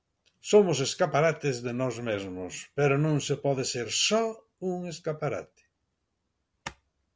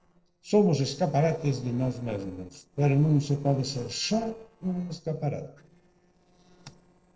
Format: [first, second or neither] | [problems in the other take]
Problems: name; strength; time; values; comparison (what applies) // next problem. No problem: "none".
first | noise reduction (neural separator model SepFormer DNS4)